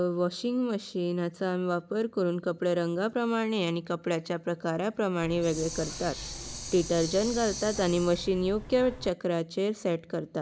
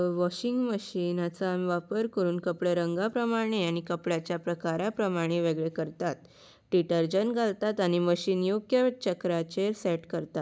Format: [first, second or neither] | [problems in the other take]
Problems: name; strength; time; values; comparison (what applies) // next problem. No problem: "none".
second | background sound (Hiss); 10 dB below the speech